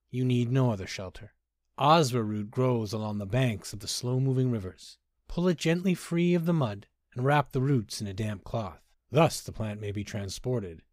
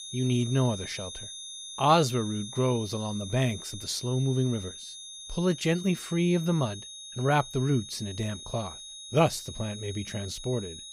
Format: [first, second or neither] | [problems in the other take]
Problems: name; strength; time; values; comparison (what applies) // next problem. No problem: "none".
first | high-pitched whine; noticeable; throughout; 3.5 kHz, 10 dB below the speech